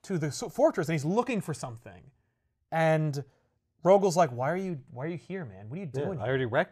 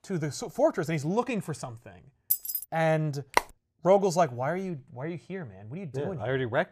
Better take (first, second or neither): first